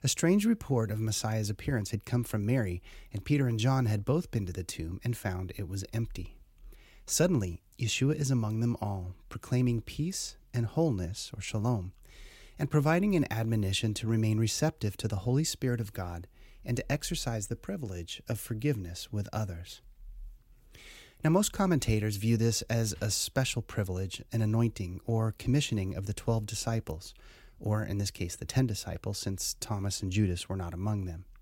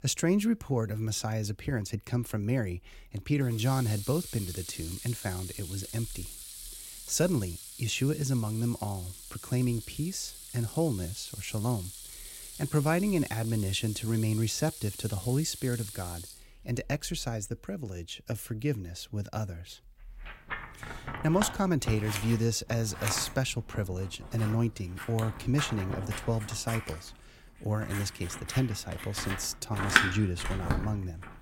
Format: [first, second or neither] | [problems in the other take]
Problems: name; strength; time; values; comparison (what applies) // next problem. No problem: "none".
first | household noises; loud; throughout; 7 dB below the speech